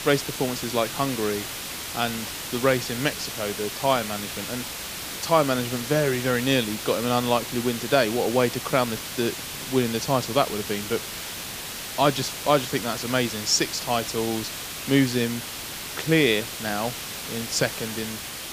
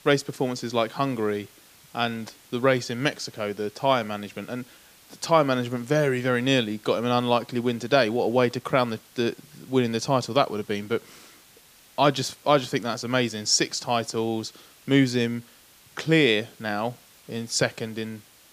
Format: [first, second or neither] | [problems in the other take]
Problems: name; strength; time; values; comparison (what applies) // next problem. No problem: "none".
second | hiss; loud; throughout; 6 dB below the speech; faint in the second